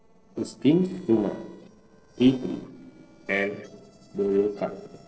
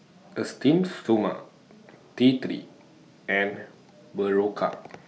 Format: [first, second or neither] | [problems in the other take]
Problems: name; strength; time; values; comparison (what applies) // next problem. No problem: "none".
second | noise reduction (neural separator model SepFormer DNS4)